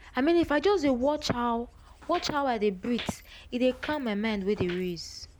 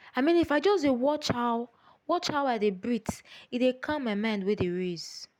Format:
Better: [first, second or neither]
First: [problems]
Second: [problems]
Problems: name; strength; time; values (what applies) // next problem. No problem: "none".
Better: second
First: background sound (Walk, footsteps + Wind / Bird / Insect); 19 dB below the speech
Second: none